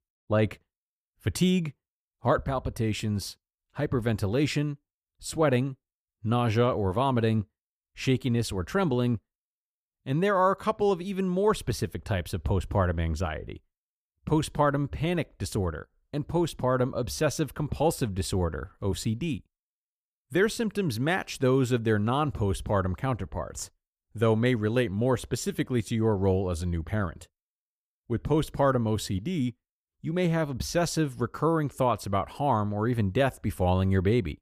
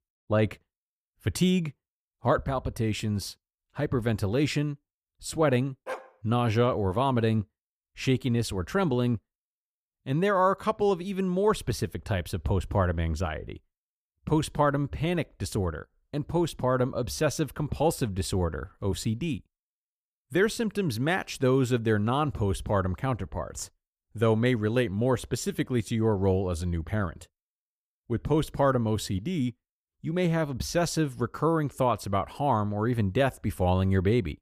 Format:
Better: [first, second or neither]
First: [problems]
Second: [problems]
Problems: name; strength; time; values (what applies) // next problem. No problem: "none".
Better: first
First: none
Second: dog barking; faint; at 6 s; peak 10 dB below the speech